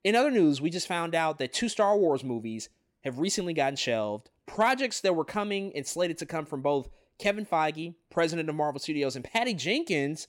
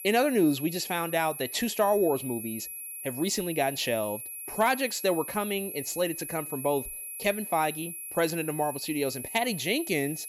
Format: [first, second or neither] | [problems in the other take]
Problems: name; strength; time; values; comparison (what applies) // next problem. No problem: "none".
first | high-pitched whine; loud; throughout; 11 kHz, 8 dB below the speech